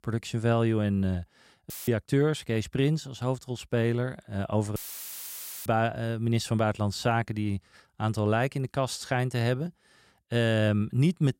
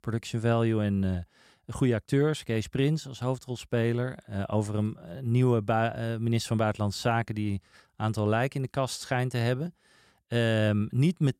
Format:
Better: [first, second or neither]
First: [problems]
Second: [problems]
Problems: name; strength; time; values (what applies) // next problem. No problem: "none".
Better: second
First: audio cutting out; filled with static; at 1.5 s and at 5 s for 1 s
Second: none